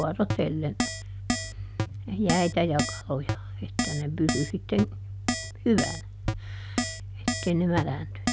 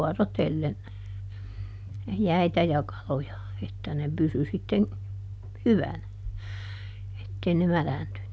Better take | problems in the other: second | background sound (Keyboard (musical)); 4 dB below the speech

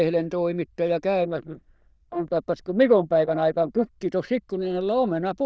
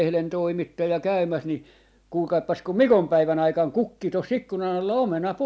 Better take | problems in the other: second | noise reduction (neural diffusion model UNIVERSE++)

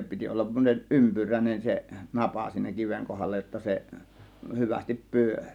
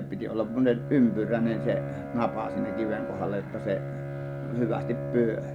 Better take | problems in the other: first | background sound (Bowed string instrument); 6 dB below the speech

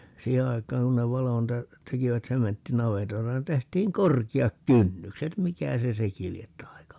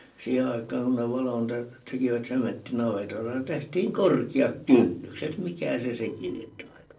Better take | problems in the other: first | noise reduction (neural separator model SepFormer DNS4)

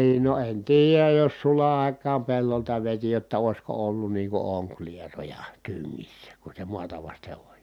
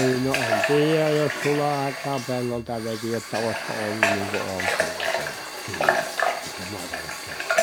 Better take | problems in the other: first | background sound (Water tap, faucet / Water); as loud as the speech

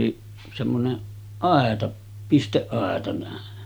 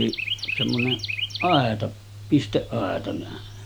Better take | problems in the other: first | background sound (Chirp, tweet); 6 dB below the speech

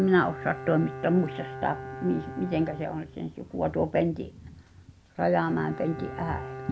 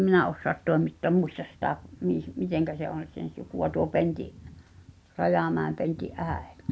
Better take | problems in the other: second | background sound (Bowed string instrument); 13 dB below the speech

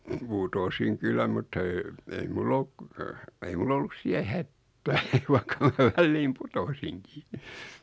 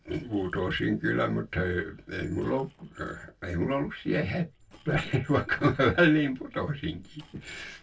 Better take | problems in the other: first | noise reduction (neural separator model SepFormer DNS4)

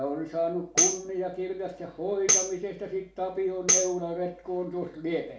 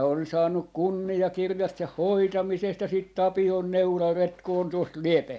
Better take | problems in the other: second | background sound (Tambourine); 1 dB above the speech // room echo; dies away in 0.4 s

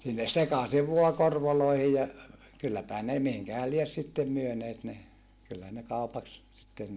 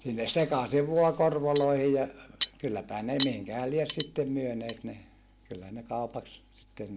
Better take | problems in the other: first | background sound (Cutlery, silverware); 12 dB below the speech

